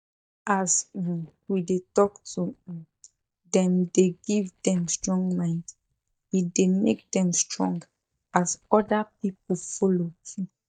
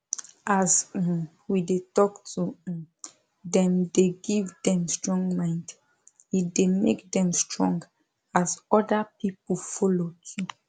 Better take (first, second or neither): second